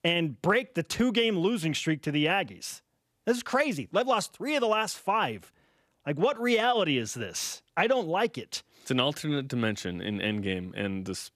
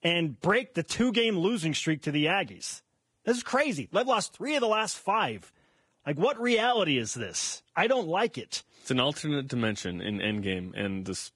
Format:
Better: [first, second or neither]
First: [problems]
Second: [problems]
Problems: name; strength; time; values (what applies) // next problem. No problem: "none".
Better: first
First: none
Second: garbled, watery; badly; nothing above 10.5 kHz